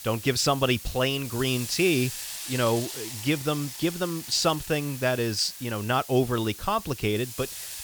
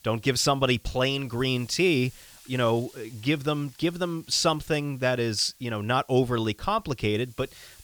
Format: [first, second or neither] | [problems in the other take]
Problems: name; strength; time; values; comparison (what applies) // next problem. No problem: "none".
second | hiss; loud; throughout; 10 dB below the speech; faint in the second